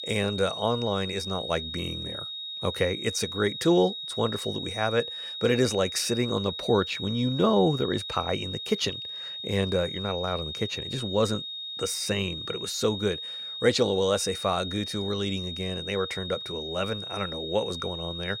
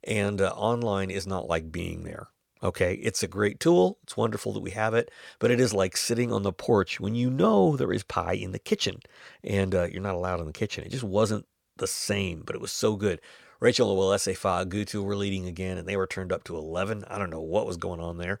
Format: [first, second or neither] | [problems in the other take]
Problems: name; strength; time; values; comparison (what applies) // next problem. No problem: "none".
second | high-pitched whine; loud; throughout; 3.5 kHz, 6 dB below the speech